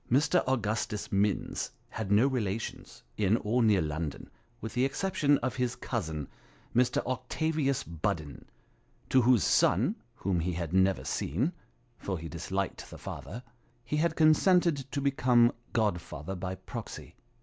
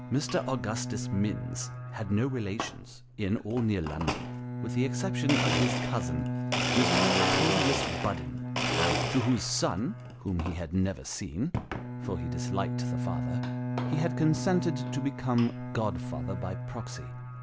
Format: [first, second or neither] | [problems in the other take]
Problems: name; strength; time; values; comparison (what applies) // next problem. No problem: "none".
first | background sound (Bowed string instrument + Domestic sounds, home sounds); as loud as the speech